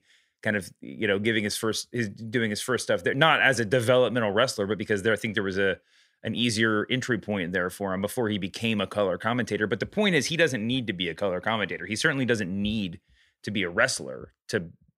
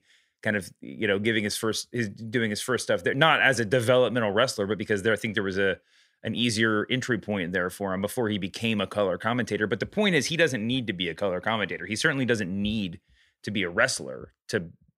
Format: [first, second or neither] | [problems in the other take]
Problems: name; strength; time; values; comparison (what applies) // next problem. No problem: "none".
neither | none